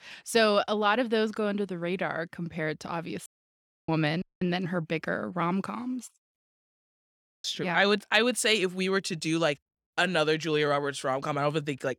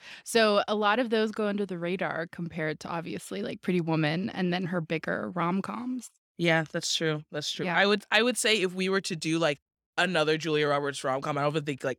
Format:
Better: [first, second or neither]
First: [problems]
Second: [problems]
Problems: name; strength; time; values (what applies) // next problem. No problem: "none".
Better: second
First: audio cutting out; at 3.5 s for 0.5 s, at 4 s and at 6.5 s for 1 s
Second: none